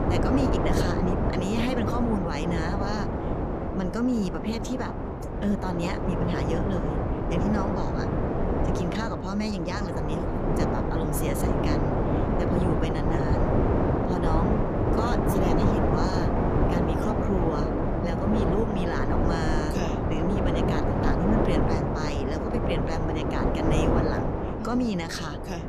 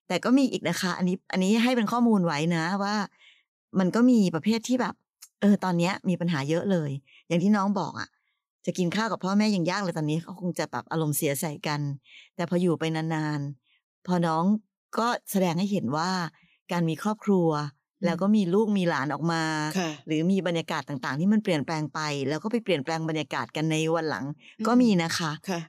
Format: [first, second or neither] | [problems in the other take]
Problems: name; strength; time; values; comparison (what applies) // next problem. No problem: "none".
second | wind noise on the microphone; heavy; 4 dB above the speech